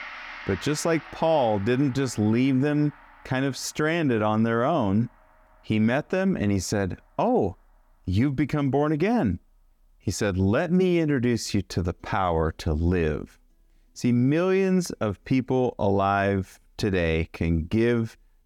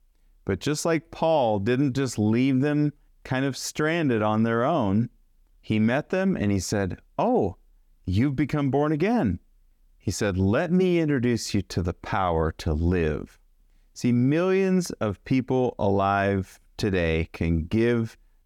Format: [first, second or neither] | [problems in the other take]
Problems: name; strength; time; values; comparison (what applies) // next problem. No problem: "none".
second | background music; noticeable; throughout; 20 dB below the speech